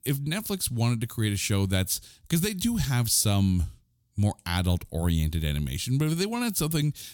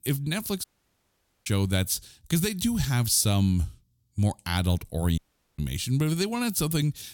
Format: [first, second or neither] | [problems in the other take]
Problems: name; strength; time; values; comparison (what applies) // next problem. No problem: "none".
first | audio cutting out; at 0.5 s for 1 s and at 5 s